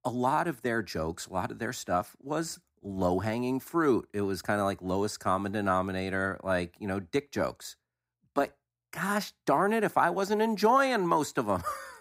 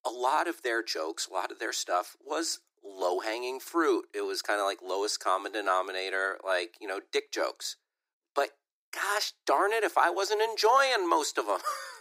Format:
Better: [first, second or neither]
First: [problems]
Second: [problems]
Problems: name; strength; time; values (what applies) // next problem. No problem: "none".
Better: first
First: none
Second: thin; very; fading below 350 Hz